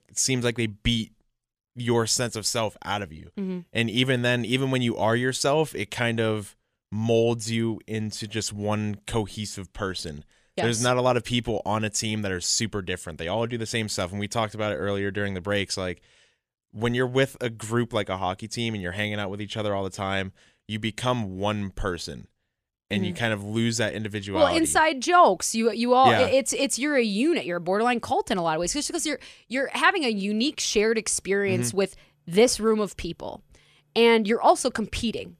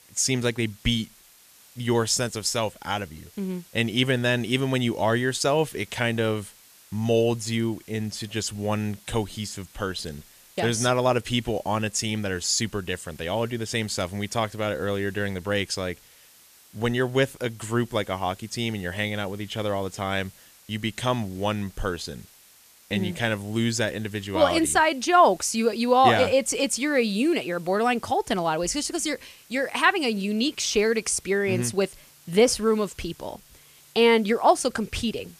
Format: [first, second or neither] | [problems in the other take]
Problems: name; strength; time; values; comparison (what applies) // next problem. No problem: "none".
first | hiss; faint; throughout; 25 dB below the speech